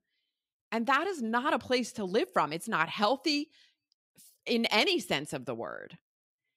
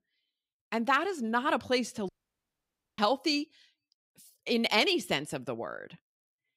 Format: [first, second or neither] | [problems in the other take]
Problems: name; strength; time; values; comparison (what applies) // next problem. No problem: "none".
first | audio cutting out; at 2 s for 1 s